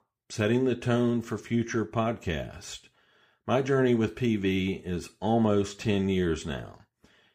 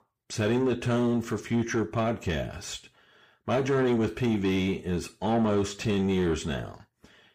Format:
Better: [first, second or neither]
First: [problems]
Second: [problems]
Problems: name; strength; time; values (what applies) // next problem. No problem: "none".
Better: first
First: none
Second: distortion; slight; 10 dB below the speech